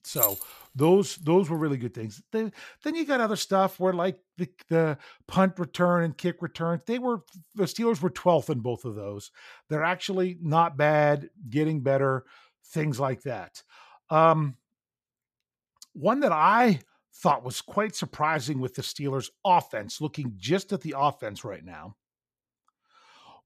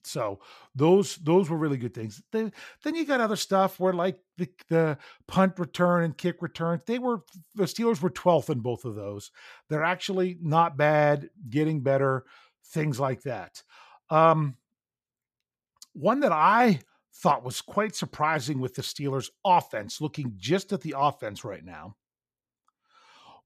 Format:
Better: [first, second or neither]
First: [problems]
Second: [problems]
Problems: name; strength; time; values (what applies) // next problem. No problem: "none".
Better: second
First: jangling keys; loud; at the start; peak 2 dB above the speech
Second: none